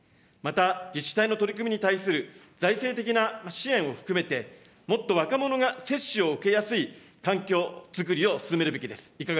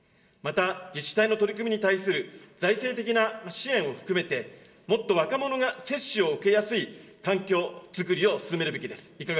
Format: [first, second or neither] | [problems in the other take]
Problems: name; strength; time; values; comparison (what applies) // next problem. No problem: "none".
first | room echo; dies away in 1.9 s